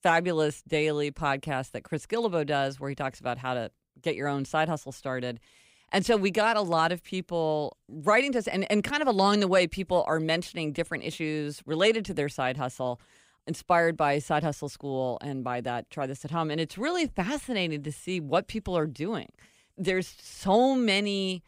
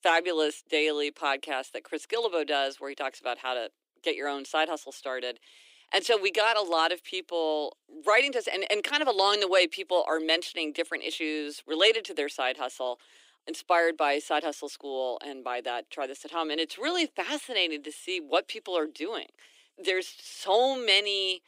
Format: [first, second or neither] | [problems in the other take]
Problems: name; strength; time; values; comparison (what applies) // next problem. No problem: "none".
first | thin; somewhat; fading below 300 Hz